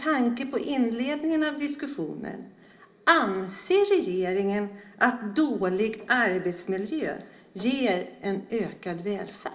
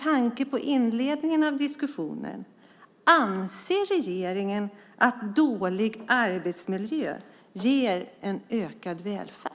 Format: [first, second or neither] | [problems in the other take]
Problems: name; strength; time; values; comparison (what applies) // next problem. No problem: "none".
second | room echo; dies away in 0.5 s